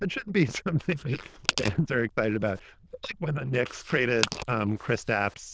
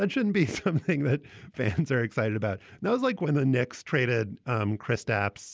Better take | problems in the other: second | noise reduction (neural diffusion model UNIVERSE++)

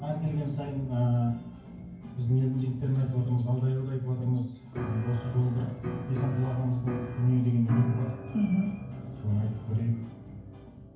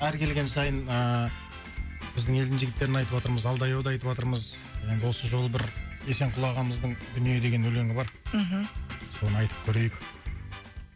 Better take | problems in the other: second | background sound (Piano); 11 dB below the speech // room echo; dies away in 0.9 s

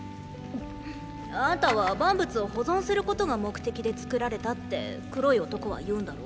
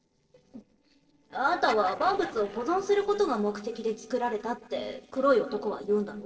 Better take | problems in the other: first | noise reduction (neural separator model SepFormer DNS4)

